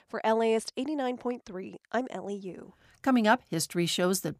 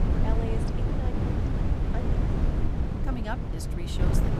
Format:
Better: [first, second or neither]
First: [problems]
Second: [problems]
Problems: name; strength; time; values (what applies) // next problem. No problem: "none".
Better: first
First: none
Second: wind noise on the microphone; heavy; 2 dB above the speech